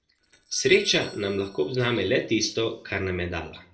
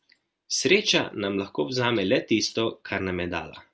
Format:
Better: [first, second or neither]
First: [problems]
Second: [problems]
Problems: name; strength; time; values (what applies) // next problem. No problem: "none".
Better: second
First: noise reduction (neural separator model SepFormer DNS4)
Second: none